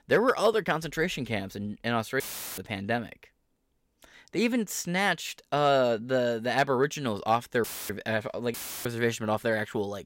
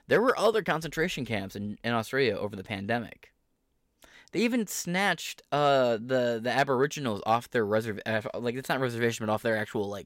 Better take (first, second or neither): second